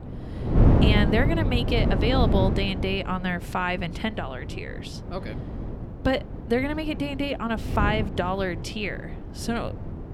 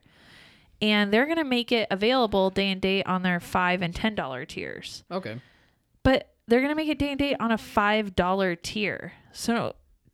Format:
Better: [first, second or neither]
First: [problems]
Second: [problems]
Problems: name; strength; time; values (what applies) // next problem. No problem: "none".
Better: second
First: wind noise on the microphone; heavy; 7 dB below the speech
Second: none